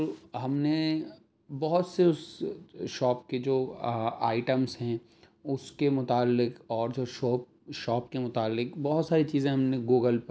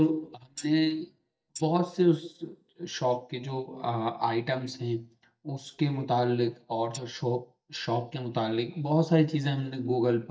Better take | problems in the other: first | noise reduction (neural mask model DeepFilterNet 3)

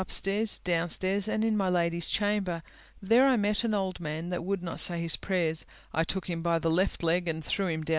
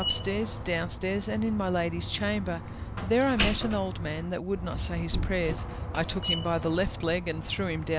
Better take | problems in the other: first | background sound (Slam); 4 dB below the speech

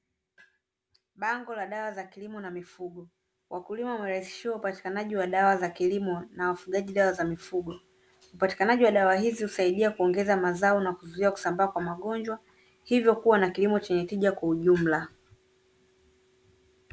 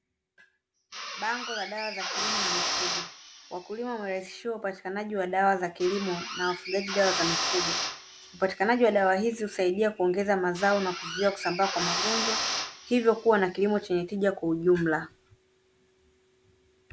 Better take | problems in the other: first | background sound (Drill); 5 dB below the speech

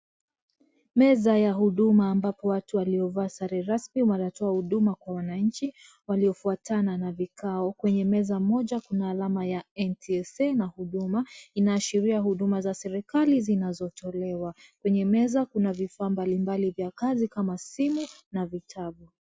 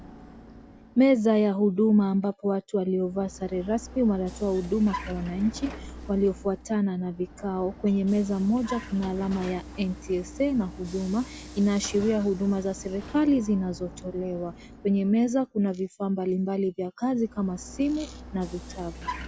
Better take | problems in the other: first | background sound (Vehicle); 16 dB below the speech

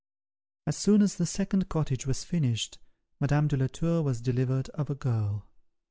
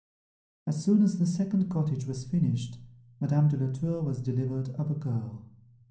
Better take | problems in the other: first | room echo; dies away in 0.6 s

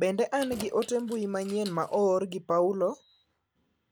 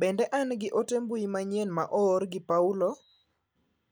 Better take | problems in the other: second | background sound (Keys jangling); 17 dB below the speech

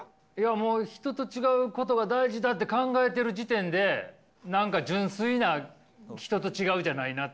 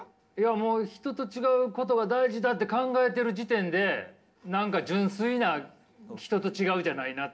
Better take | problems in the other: first | room echo; dies away in 0.3 s

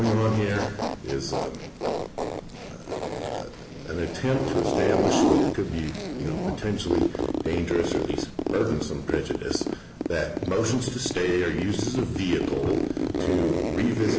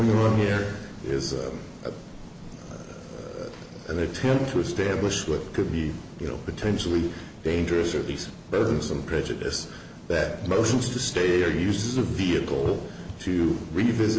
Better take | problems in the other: second | background sound (Zipper (clothing)); 1 dB below the speech

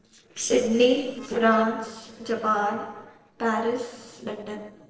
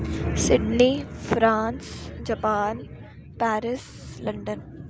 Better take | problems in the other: second | noise reduction (neural separator model SepFormer DNS4)

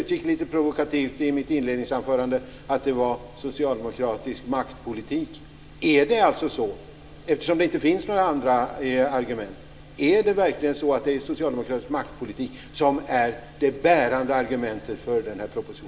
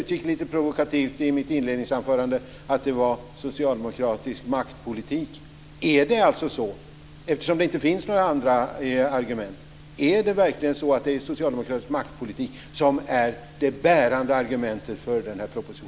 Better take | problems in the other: second | room echo; dies away in 2.3 s

